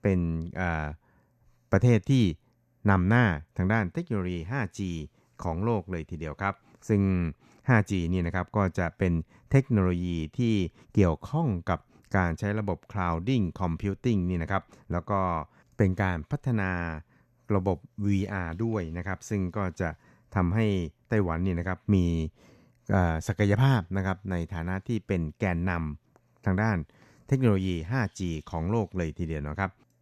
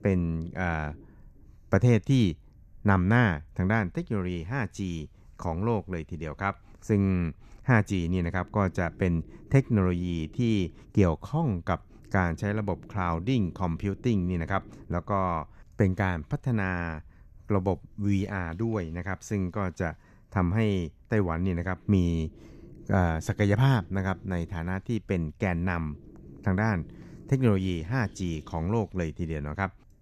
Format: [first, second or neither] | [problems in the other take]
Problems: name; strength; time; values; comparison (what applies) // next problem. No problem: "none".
first | low rumble; faint; throughout; 25 dB below the speech